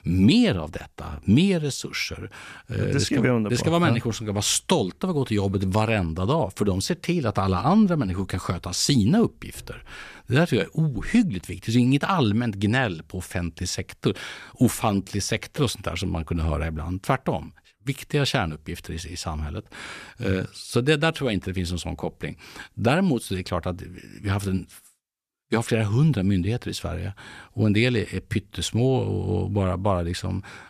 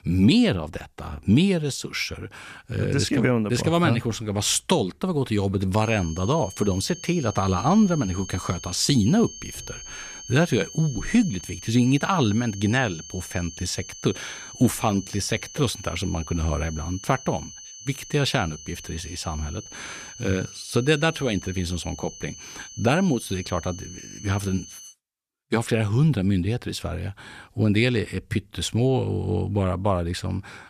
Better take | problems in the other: first | high-pitched whine; noticeable; from 6 to 25 s; 6 kHz, 15 dB below the speech

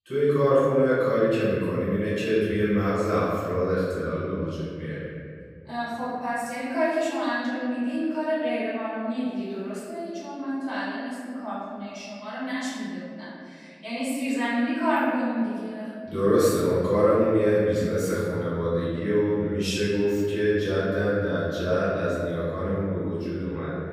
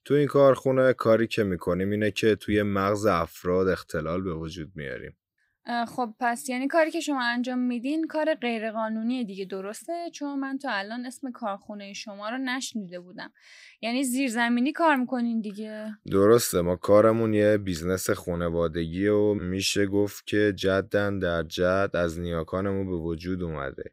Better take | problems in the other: second | off-mic speech; far // room echo; strong; dies away in 2.4 s

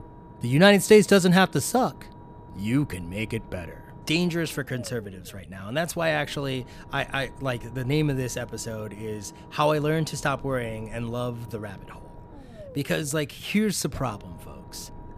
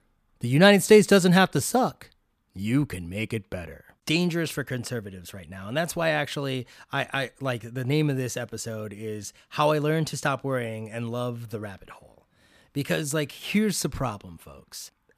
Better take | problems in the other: second | low rumble; faint; throughout; 20 dB below the speech

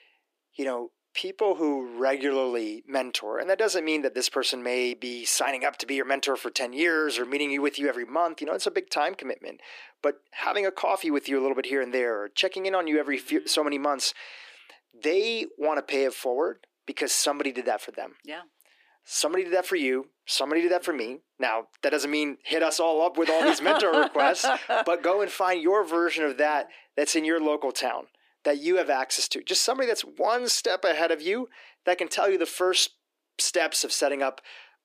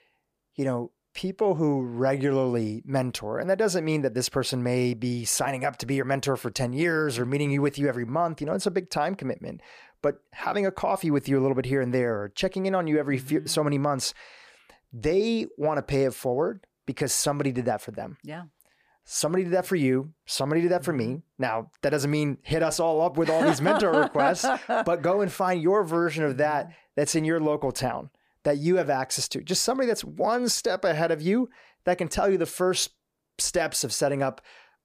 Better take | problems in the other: second | thin; somewhat; fading below 300 Hz

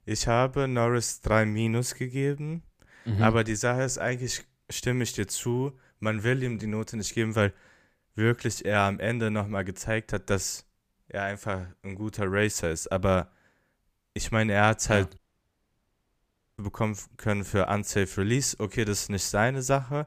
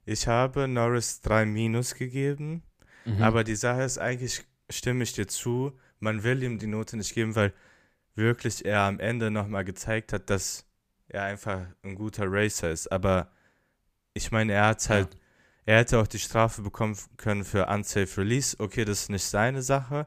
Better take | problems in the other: second | audio cutting out; at 15 s for 1.5 s

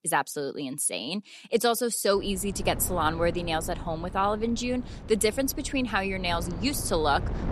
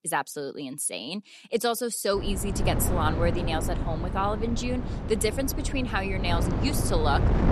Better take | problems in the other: first | wind noise on the microphone; heavy; from 2 s on; 7 dB below the speech; occasional gusts in the first

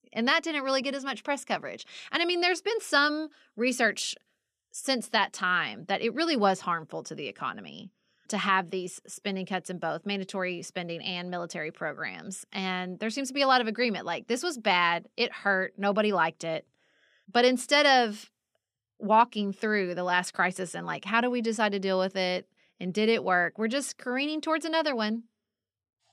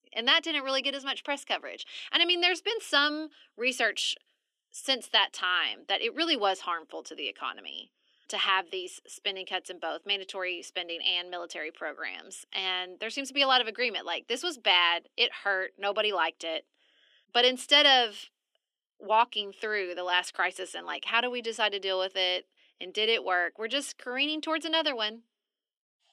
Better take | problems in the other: first | thin; somewhat; fading below 300 Hz

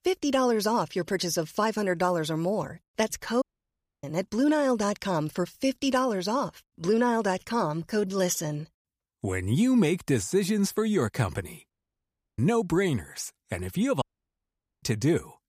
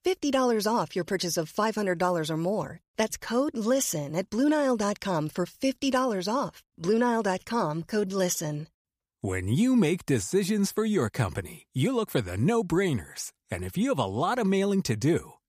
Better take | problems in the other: second | audio cutting out; at 3.5 s for 0.5 s, at 12 s for 0.5 s and at 14 s for 1 s

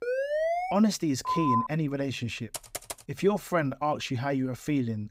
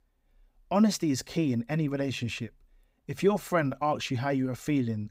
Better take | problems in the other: second | siren; loud; at the start; peak 1 dB above the speech // phone ringing; loud; at 1.5 s; peak 1 dB above the speech // keyboard typing; noticeable; at 2.5 s; peak 9 dB below the speech

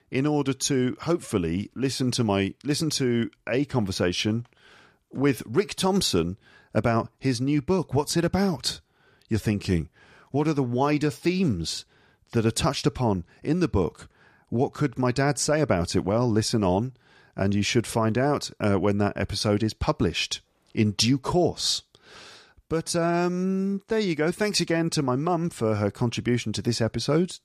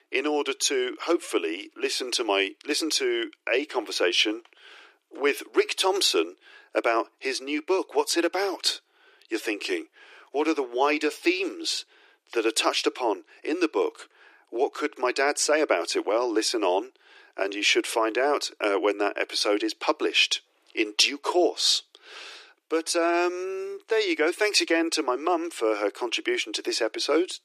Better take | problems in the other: first | thin; very; fading below 300 Hz

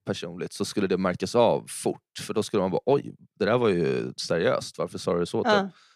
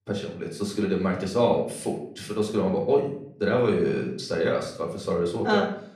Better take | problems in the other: first | off-mic speech; far // room echo; slight; dies away in 0.5 s

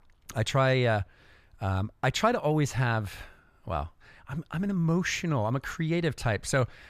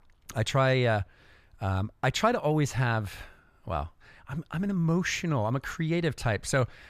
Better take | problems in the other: neither | none

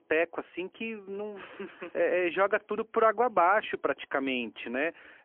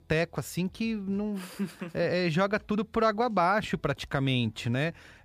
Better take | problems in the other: second | phone-call audio; poor line

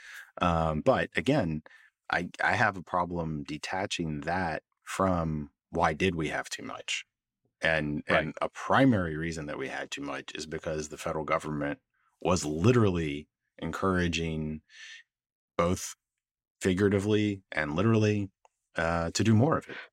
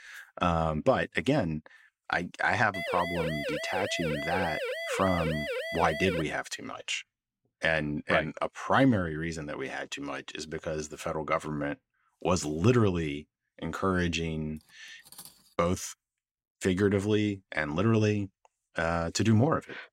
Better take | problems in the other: first | siren; noticeable; from 2.5 to 6 s; peak 3 dB below the speech // clattering dishes; faint; at 15 s; peak 20 dB below the speech

